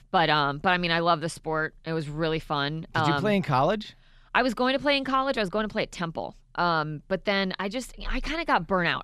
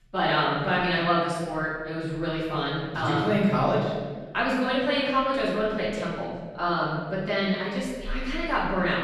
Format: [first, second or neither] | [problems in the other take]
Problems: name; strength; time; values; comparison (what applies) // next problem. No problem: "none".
first | off-mic speech; far // room echo; strong; dies away in 1.4 s